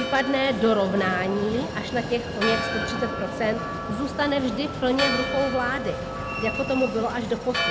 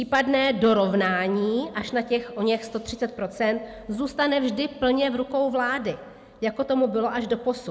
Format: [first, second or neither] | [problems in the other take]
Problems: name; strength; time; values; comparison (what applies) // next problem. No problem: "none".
second | background sound (Church bell + Train); 4 dB below the speech